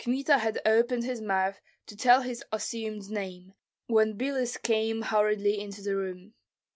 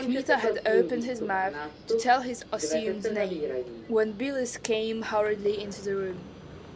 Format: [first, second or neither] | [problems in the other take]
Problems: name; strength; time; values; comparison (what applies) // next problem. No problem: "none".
first | background sound (Subway, metro, underground); 5 dB below the speech